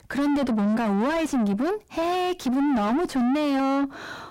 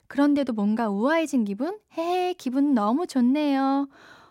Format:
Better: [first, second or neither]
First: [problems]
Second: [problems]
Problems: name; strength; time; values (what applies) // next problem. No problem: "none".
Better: second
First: distortion; heavy; 6 dB below the speech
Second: none